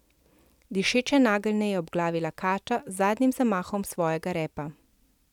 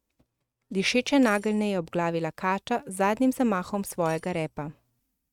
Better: first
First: none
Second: noise reduction (neural mask model RNNoise)

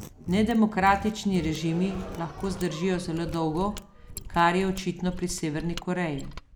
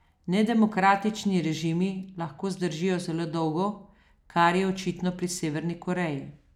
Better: second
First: background sound (Mechanisms + Gasp); 13 dB below the speech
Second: none

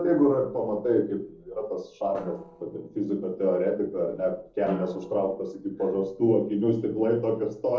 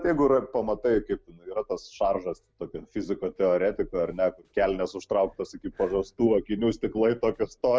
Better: second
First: noise reduction (neural separator model SepFormer DNS4)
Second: none

